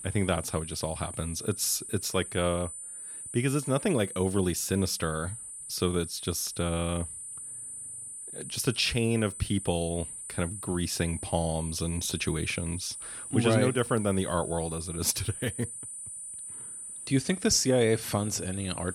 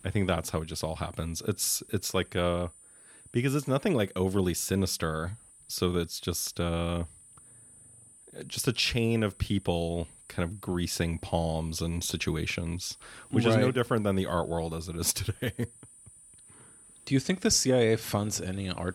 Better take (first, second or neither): second